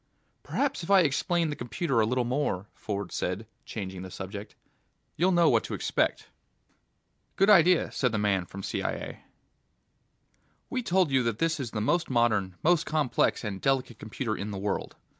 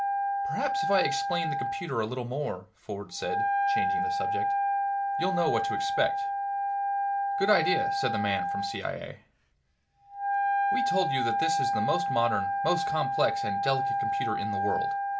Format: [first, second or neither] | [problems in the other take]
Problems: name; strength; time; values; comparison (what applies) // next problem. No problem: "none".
first | background sound (Wind instrument, woodwind instrument); 3 dB above the speech // room echo; dies away in 0.2 s